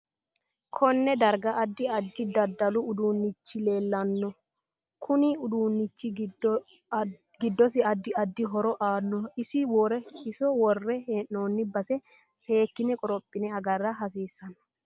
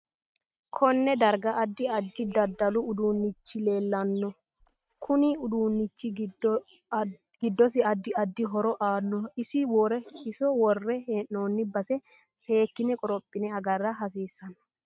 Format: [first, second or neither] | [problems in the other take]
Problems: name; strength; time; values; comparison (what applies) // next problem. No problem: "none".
first | noise reduction (neural mask model RNNoise)